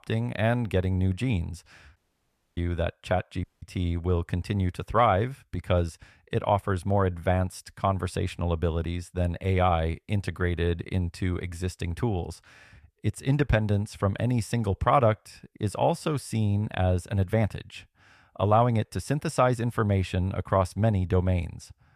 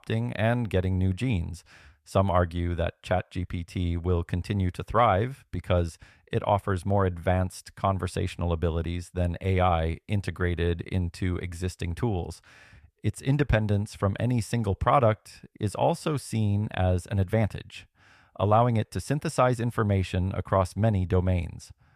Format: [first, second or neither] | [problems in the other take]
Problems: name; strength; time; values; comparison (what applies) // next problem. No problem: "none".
second | audio cutting out; at 2 s for 0.5 s and at 3.5 s